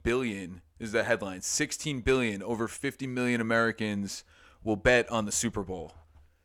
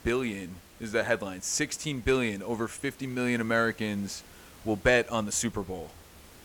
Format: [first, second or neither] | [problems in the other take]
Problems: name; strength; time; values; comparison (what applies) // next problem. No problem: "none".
first | hiss; faint; throughout; 25 dB below the speech